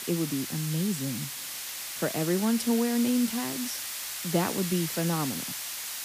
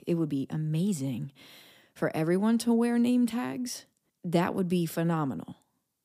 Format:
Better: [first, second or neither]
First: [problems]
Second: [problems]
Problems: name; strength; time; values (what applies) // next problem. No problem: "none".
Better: second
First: hiss; loud; throughout; 4 dB below the speech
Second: none